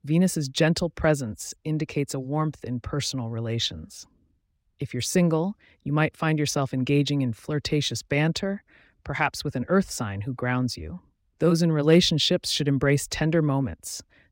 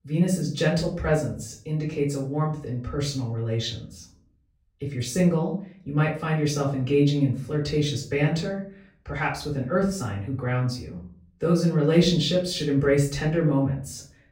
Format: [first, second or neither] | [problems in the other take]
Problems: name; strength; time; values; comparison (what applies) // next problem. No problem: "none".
first | off-mic speech; far // room echo; slight; dies away in 0.4 s